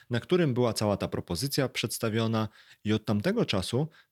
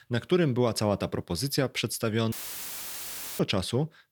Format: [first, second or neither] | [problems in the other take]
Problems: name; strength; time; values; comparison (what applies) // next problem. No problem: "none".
first | audio cutting out; filled with static; at 2.5 s for 1 s